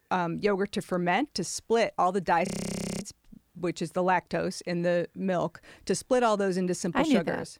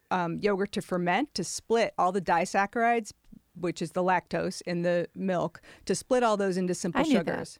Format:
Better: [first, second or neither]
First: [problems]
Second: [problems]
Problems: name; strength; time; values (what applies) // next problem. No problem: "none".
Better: second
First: audio freezing; at 2.5 s for 0.5 s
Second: none